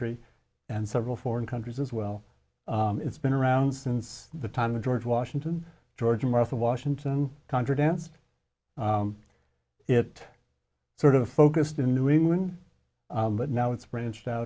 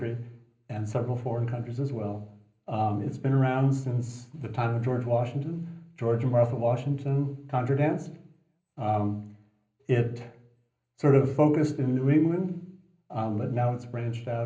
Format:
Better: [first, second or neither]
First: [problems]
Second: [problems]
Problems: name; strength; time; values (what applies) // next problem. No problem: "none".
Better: first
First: none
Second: room echo; dies away in 0.5 s